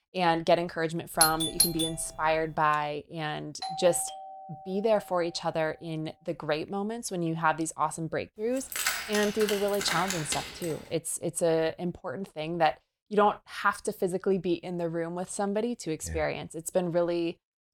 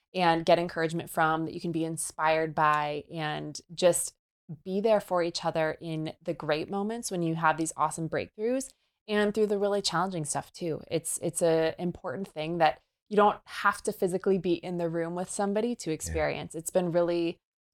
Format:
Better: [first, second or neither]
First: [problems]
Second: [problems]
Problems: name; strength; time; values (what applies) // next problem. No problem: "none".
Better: second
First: doorbell; loud; at 1 s; peak 5 dB above the speech // doorbell; noticeable; from 3.5 to 5.5 s; peak 7 dB below the speech // jangling keys; loud; from 8.5 to 11 s; peak 1 dB above the speech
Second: none